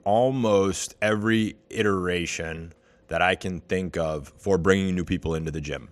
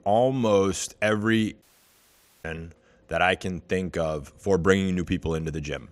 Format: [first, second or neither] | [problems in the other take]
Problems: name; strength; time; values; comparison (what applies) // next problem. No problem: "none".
first | audio cutting out; at 1.5 s for 1 s